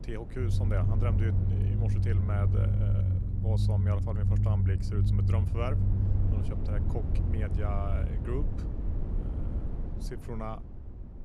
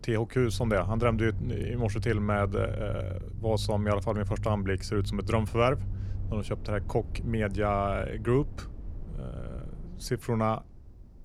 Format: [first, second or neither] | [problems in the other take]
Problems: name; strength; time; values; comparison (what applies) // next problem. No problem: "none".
second | low rumble; loud; throughout; 2 dB below the speech; faint in the second